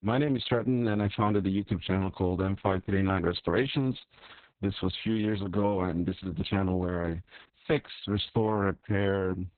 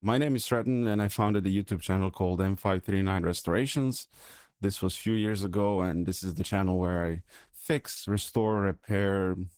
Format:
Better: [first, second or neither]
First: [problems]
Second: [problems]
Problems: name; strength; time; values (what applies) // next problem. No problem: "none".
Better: second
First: garbled, watery; badly; nothing above 4 kHz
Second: garbled, watery; slightly